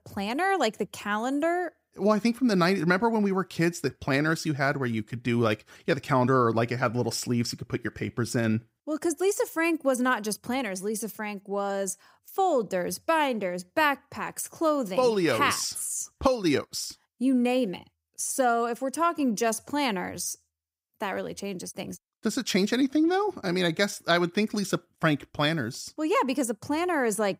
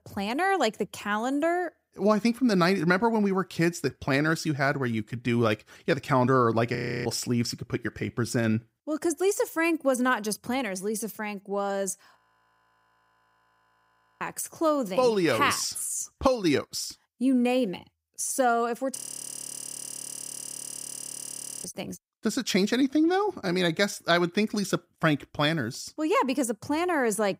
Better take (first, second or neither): first